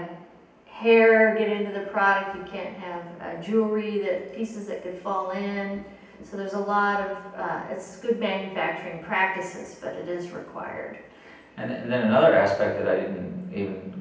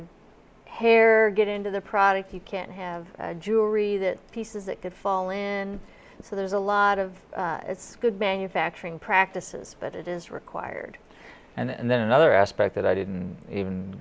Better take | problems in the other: second | room echo; dies away in 0.9 s

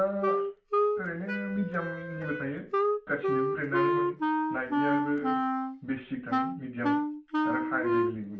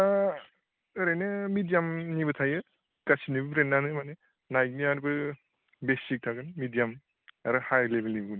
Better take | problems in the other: second | background sound (Wind instrument, woodwind instrument); 5 dB above the speech // room echo; dies away in 0.3 s

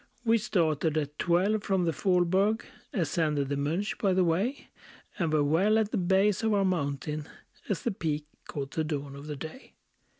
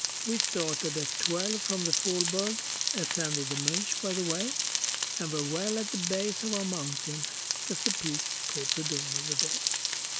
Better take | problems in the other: first | background sound (Frying (food)); 4 dB above the speech

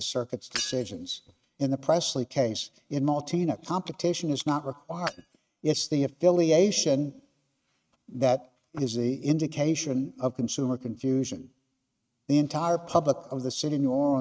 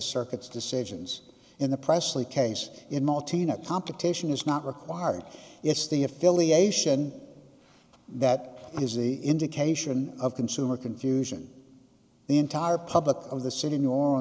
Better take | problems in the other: second | noise reduction (neural mask model RNNoise)

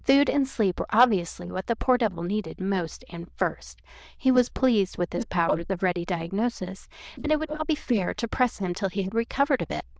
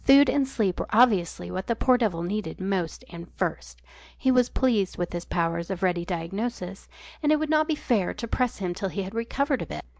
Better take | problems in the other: second | noise reduction (neural diffusion model UNIVERSE++)

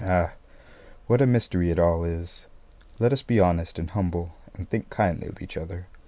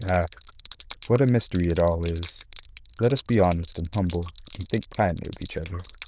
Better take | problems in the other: first | noise reduction (neural diffusion model UNIVERSE++)

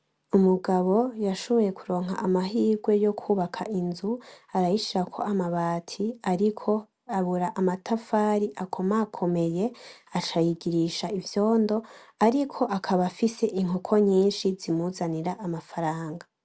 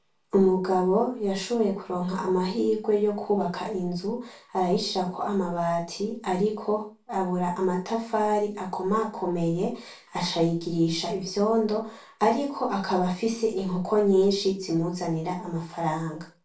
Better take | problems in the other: first | room echo; dies away in 0.3 s

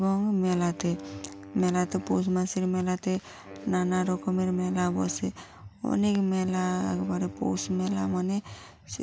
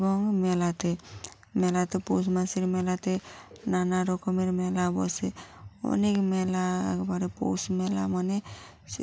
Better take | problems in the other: second | background sound (Wind instrument, woodwind instrument); 17 dB below the speech

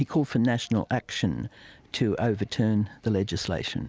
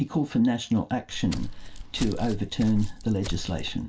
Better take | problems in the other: first | background sound (Walk, footsteps); 6 dB below the speech // room echo; dies away in 0.2 s

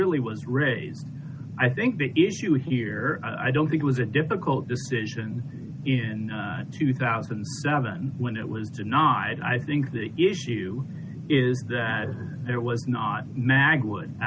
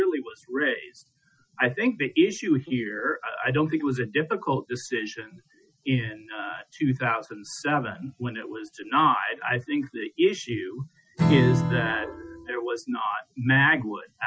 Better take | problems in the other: first | noise reduction (classical method Wiener filter)

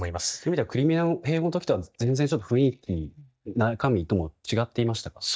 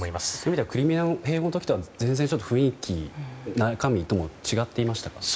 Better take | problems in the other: second | noise reduction (neural mask model DeepFilterNet 3)

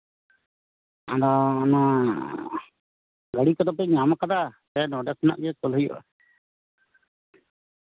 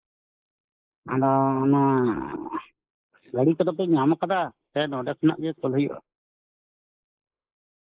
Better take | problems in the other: first | noise reduction (neural mask model Resemble Enhance denoiser)

